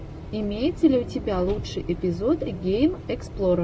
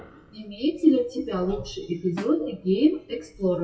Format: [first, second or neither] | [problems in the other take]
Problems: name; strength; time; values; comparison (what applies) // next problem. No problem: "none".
first | noise reduction (classical method WPE with log-MMSE)